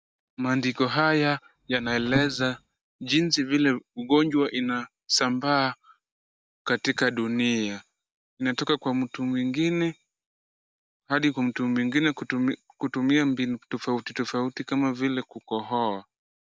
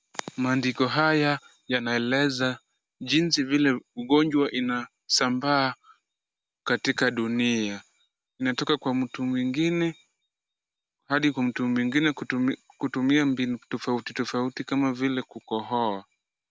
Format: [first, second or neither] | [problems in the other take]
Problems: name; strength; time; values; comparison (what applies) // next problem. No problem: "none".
second | noise reduction (neural mask model DeepFilterNet 3)